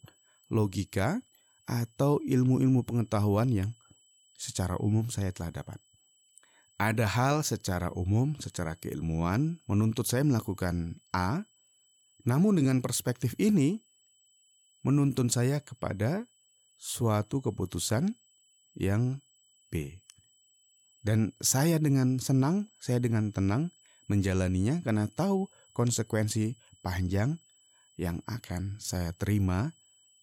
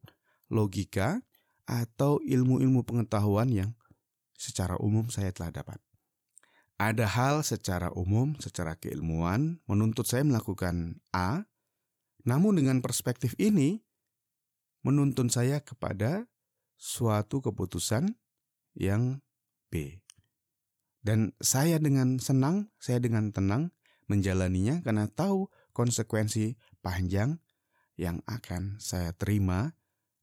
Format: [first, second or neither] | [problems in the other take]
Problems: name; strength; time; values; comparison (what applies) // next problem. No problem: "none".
second | high-pitched whine; faint; throughout; 3 kHz, 30 dB below the speech